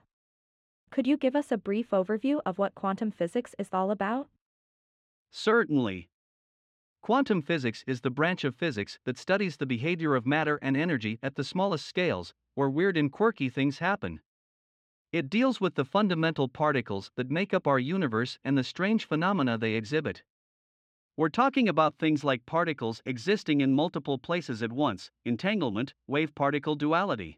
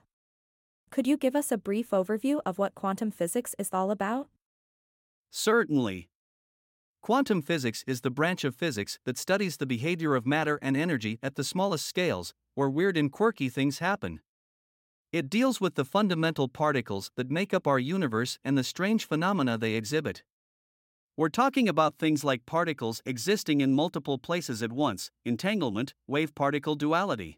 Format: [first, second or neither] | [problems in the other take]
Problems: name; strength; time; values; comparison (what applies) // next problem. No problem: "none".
second | muffled; very slightly; fading above 3 kHz